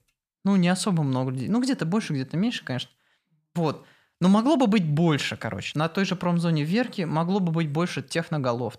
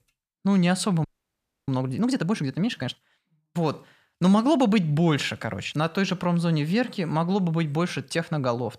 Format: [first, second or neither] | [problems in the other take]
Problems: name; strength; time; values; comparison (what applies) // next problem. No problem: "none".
first | audio freezing; at 1 s for 0.5 s